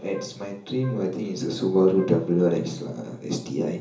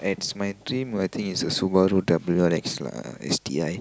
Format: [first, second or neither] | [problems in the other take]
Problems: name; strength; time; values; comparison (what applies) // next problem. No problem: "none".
second | background sound (Wind instrument, woodwind instrument); 20 dB below the speech // room echo; dies away in 0.7 s